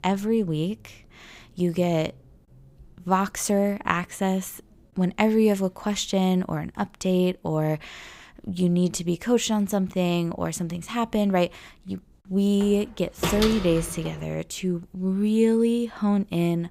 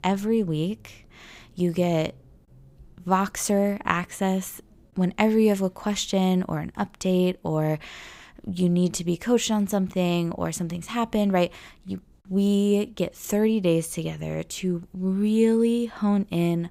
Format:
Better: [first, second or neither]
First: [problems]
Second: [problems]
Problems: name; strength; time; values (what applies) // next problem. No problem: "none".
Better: second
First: door banging; noticeable; from 13 to 14 s; peak 2 dB below the speech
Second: none